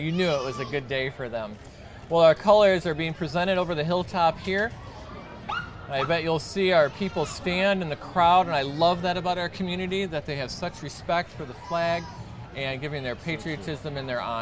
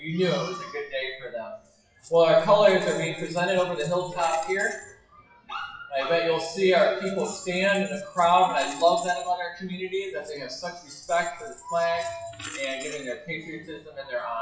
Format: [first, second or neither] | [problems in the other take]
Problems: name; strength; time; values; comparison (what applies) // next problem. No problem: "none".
first | noise reduction (classical method WPE with log-MMSE)